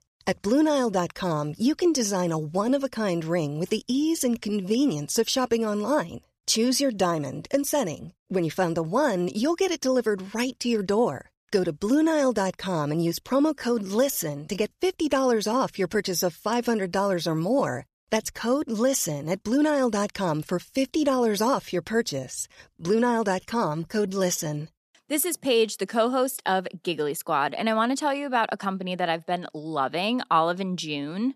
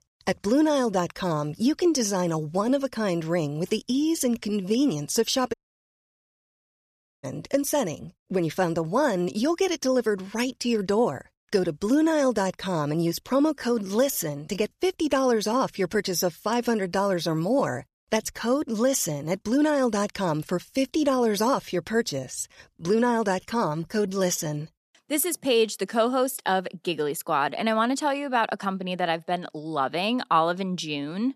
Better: first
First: none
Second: audio cutting out; at 5.5 s for 1.5 s

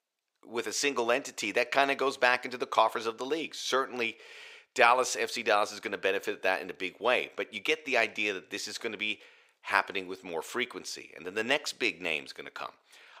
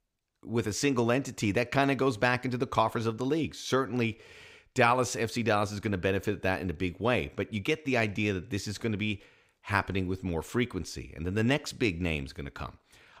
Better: second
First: thin; very; fading below 550 Hz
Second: none

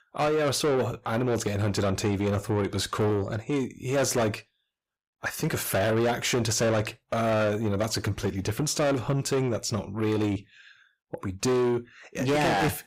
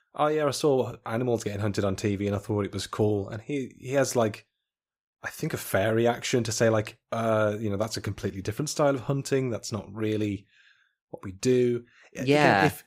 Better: second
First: distortion; heavy; 7 dB below the speech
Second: none

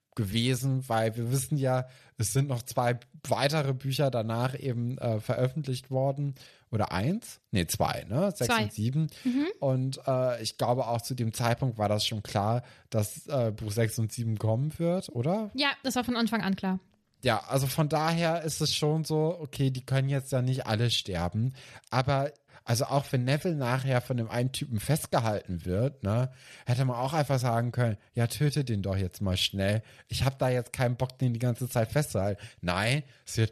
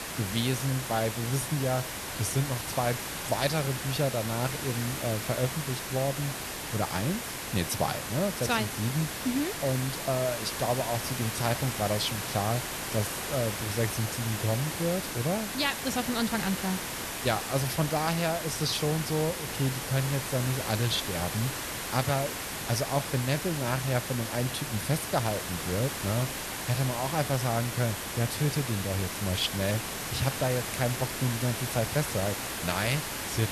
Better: first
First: none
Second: hiss; loud; throughout; 3 dB below the speech

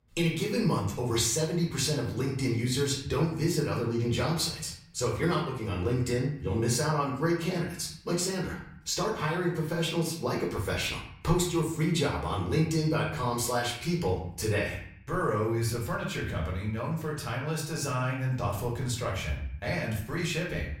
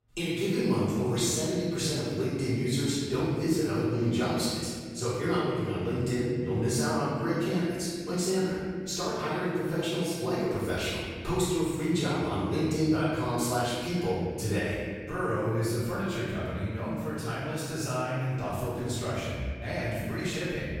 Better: first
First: room echo; slight; dies away in 0.6 s // off-mic speech; far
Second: room echo; strong; dies away in 2 s // off-mic speech; far

